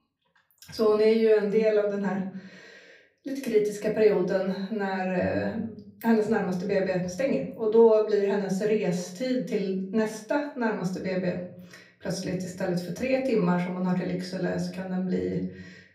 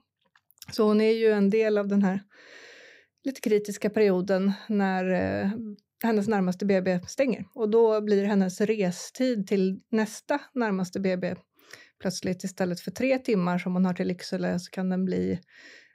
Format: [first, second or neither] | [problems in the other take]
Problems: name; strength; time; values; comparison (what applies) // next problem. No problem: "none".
second | off-mic speech; far // room echo; slight; dies away in 0.5 s